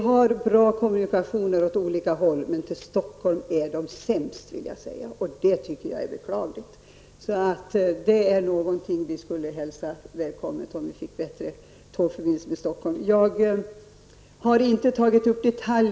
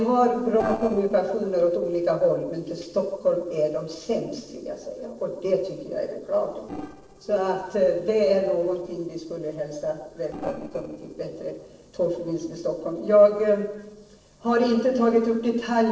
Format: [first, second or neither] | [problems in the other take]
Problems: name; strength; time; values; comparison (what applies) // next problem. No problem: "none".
first | noise reduction (neural separator model SepFormer DNS4)